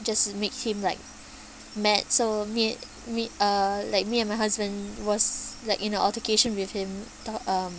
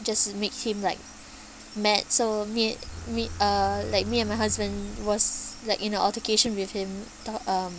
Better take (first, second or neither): first